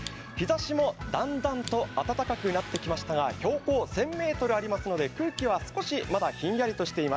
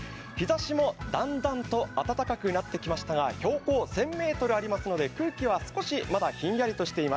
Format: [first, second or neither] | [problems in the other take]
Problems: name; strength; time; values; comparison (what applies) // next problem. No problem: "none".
second | background sound (Fire + Motorcycle); 19 dB below the speech